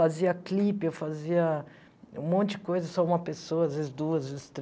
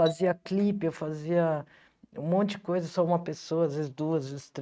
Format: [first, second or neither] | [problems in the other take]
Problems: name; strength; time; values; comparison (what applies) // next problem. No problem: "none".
first | noise reduction (neural mask model RNNoise)